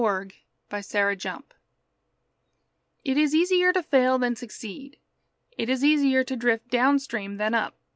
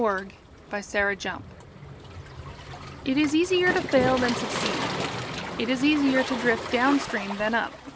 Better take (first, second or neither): first